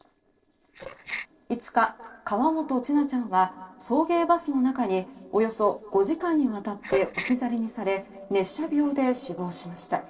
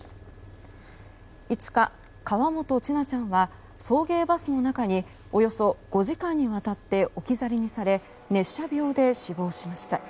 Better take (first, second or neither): second